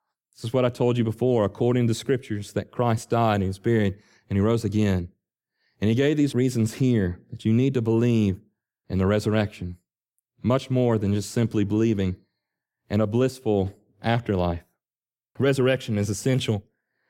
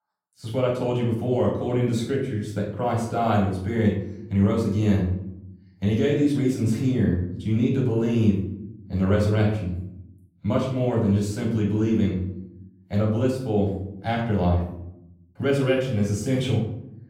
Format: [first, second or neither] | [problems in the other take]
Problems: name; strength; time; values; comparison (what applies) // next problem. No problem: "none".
first | off-mic speech; far // room echo; noticeable; dies away in 0.7 s